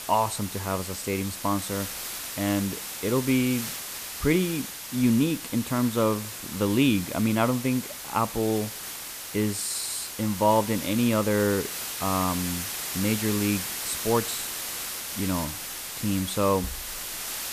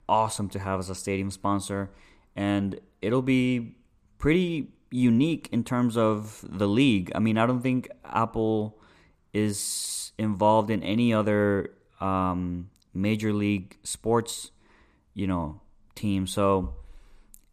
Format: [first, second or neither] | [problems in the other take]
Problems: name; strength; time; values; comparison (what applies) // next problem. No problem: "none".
second | hiss; loud; throughout; 6 dB below the speech